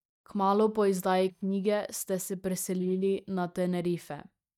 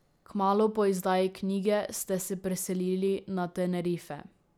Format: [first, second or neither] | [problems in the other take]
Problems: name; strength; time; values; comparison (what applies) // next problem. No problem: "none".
second | noise reduction (neural mask model DeepFilterNet 3)